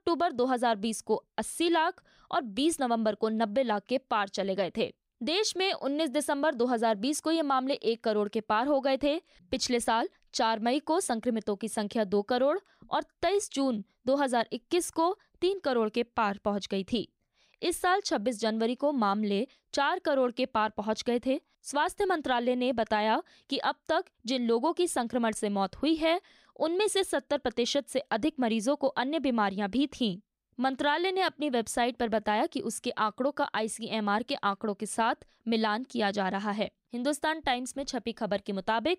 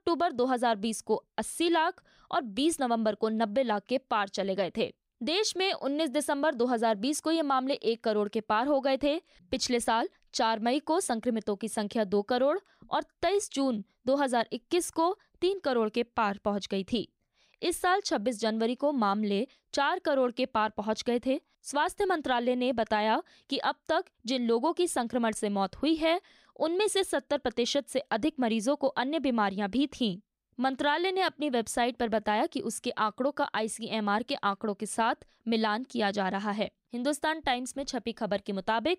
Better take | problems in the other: neither | none

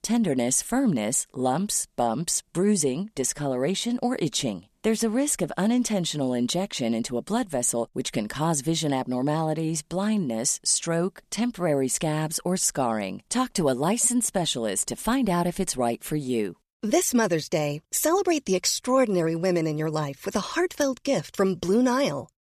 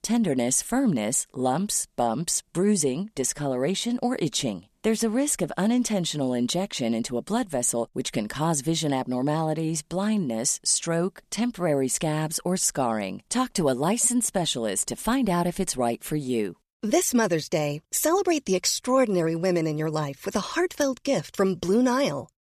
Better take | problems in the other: neither | none

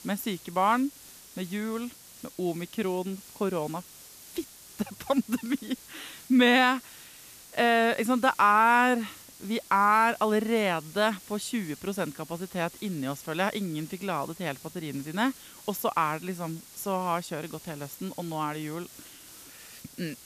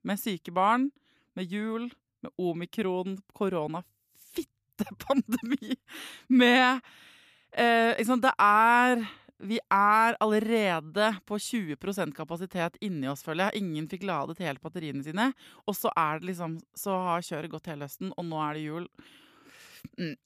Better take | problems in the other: second | hiss; noticeable; throughout; 20 dB below the speech

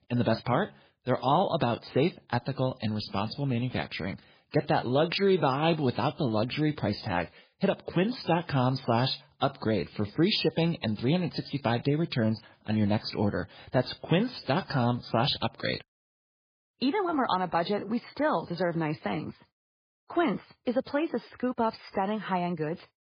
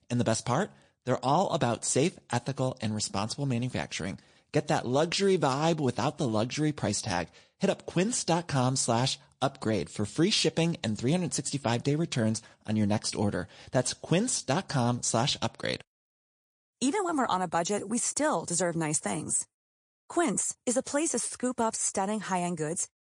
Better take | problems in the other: second | garbled, watery; badly; slightly in the second

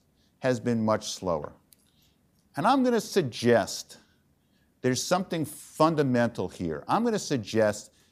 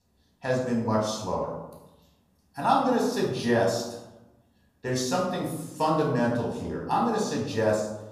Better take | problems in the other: first | off-mic speech; far // room echo; noticeable; dies away in 0.8 s

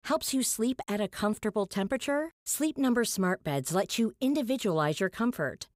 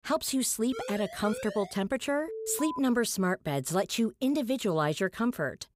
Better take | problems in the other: first | siren; faint; from 0.5 to 1.5 s; peak 10 dB below the speech // alarm; noticeable; at 2.5 s; peak 8 dB below the speech

